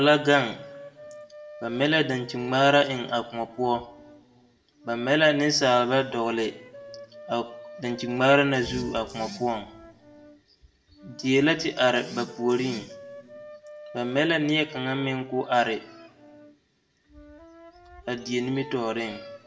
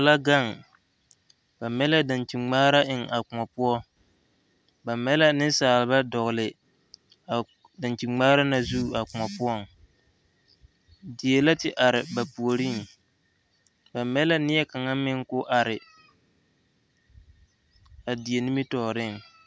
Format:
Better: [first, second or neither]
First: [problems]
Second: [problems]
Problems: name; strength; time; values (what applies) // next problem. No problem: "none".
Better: second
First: background sound (Wind instrument, woodwind instrument); 19 dB below the speech // room echo; dies away in 0.6 s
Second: none